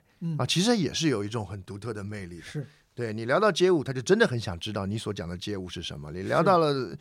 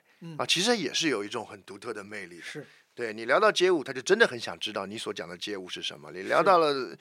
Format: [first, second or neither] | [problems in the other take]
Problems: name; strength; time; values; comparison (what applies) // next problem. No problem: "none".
first | thin; somewhat; fading below 350 Hz